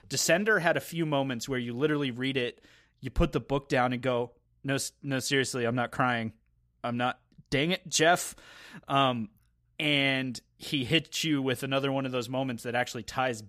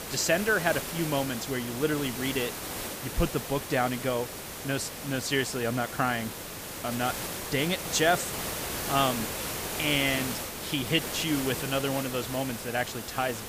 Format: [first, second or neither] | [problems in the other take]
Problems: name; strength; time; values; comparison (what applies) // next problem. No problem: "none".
first | hiss; loud; throughout; 5 dB below the speech